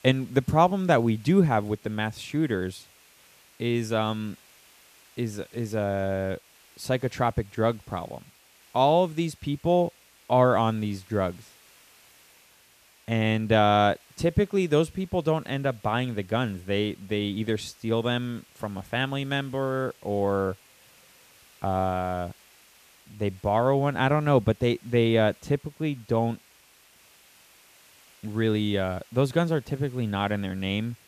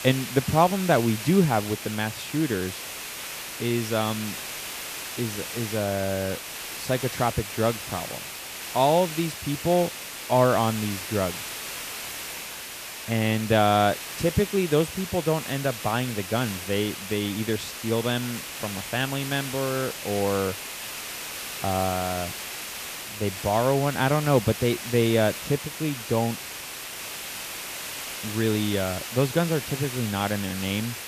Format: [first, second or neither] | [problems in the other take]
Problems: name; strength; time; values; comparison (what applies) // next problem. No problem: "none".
first | hiss; loud; throughout; 7 dB below the speech; faint in the first